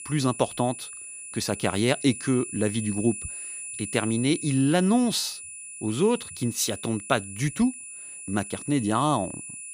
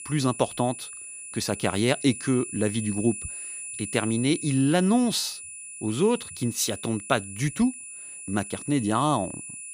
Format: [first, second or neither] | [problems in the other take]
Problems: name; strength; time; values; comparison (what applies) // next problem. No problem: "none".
neither | high-pitched whine; loud; throughout; 10 kHz, 10 dB below the speech; the same in both